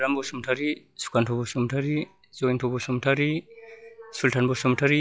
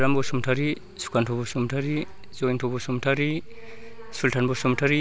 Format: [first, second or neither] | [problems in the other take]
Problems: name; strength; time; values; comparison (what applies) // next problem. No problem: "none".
second | noise reduction (classical method log-MMSE)